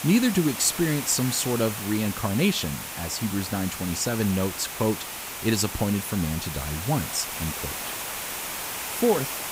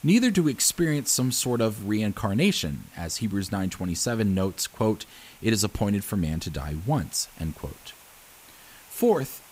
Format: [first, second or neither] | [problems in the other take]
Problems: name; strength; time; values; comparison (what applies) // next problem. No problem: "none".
second | hiss; loud; throughout; 6 dB below the speech; faint in the second